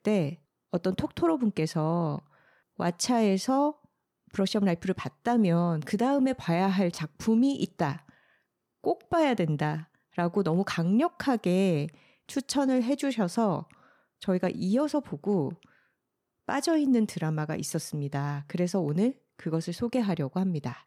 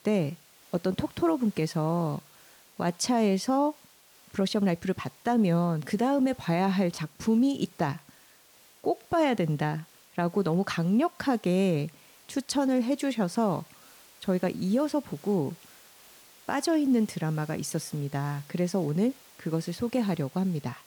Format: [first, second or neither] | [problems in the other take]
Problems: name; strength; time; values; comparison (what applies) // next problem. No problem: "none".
first | hiss; faint; throughout; 25 dB below the speech